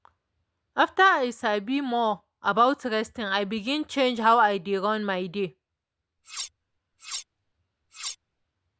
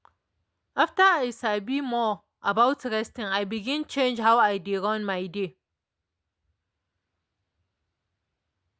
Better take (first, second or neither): second